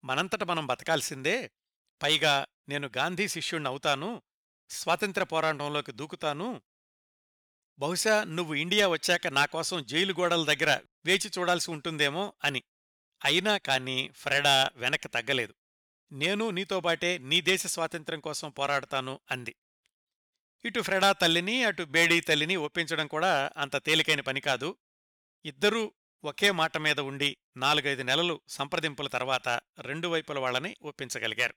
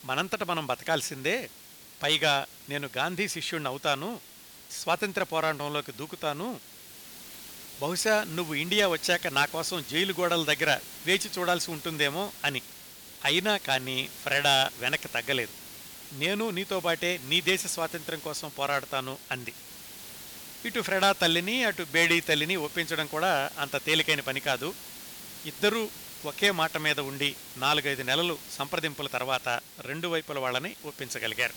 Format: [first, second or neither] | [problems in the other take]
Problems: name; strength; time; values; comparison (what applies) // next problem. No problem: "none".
first | hiss; noticeable; throughout; 15 dB below the speech